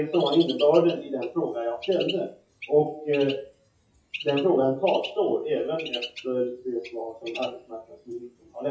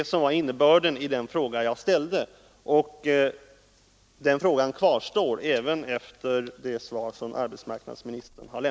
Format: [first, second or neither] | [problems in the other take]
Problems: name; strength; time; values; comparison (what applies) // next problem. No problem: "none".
second | noise reduction (classical method WPE with log-MMSE)